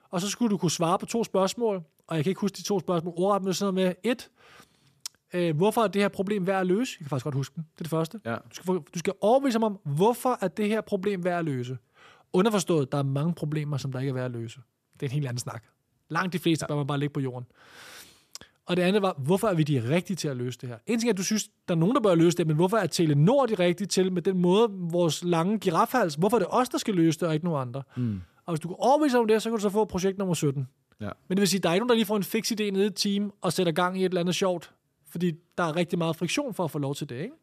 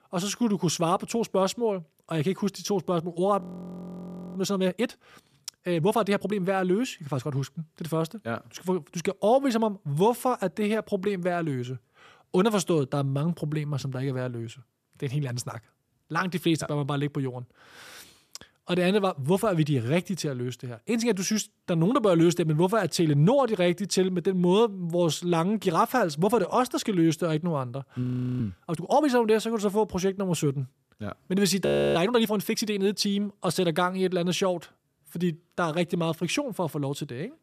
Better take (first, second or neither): first